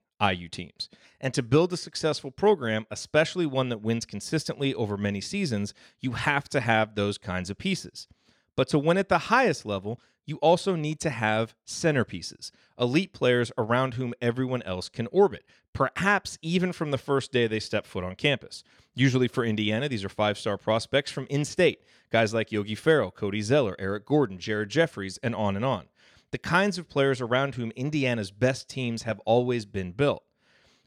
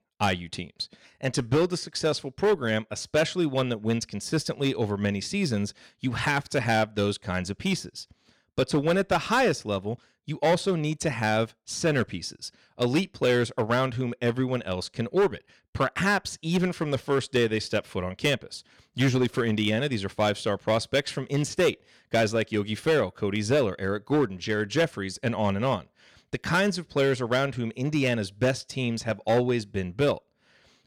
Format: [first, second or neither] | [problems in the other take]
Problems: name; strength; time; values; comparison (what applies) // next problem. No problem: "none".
first | distortion; slight; 4% of the sound clipped